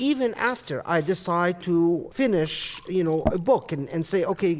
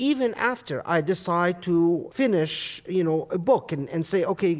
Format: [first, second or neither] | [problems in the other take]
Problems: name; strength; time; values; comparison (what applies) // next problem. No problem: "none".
second | background sound (Liquid); 14 dB below the speech